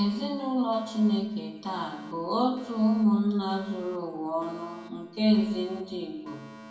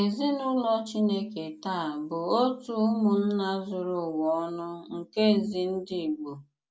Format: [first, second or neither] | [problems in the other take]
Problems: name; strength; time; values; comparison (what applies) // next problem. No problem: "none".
second | background sound (Alarm); 20 dB below the speech // room echo; dies away in 0.9 s